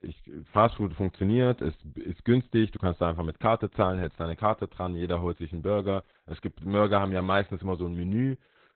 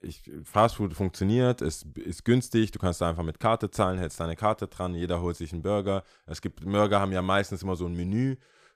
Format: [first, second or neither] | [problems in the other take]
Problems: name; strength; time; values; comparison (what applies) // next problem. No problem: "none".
second | garbled, watery; badly; nothing above 3.5 kHz